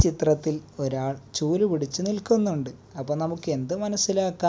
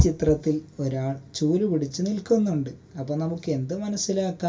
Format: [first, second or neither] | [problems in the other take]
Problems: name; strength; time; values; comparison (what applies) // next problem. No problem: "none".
first | background sound (Bass drum); 18 dB below the speech // room echo; dies away in 0.1 s